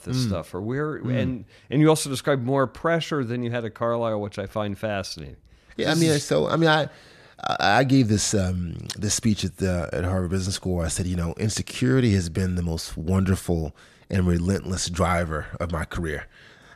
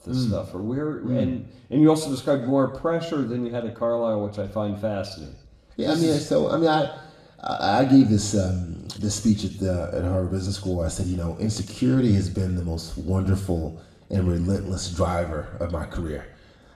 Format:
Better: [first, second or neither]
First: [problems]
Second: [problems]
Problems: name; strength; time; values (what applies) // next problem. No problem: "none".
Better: first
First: none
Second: room echo; slight; dies away in 0.6 s // off-mic speech; somewhat distant